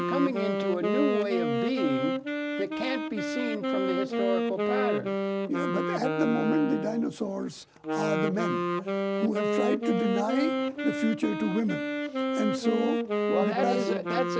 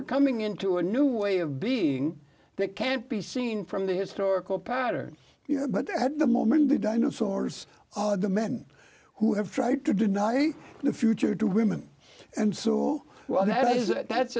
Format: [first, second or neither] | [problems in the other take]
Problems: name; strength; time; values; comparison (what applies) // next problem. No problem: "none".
second | background sound (Wind instrument, woodwind instrument); 1 dB above the speech